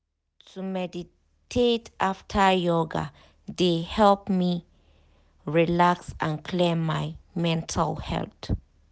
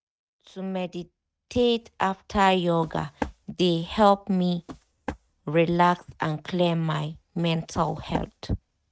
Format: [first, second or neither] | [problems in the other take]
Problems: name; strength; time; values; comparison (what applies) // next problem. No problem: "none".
first | noise reduction (neural mask model RNNoise)